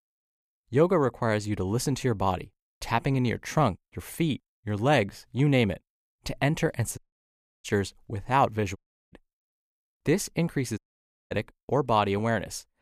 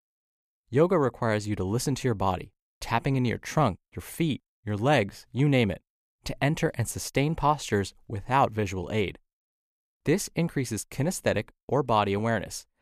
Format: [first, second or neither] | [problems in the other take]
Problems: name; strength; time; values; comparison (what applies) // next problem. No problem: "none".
second | audio cutting out; at 7 s for 0.5 s, at 9 s and at 11 s for 0.5 s